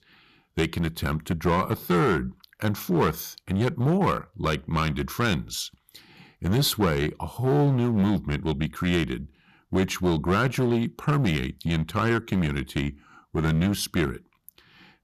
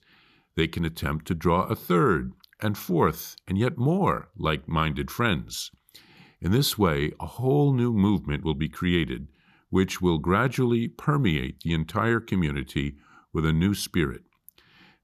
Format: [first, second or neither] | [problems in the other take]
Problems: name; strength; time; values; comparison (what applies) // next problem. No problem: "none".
second | distortion; slight; 7% of the sound clipped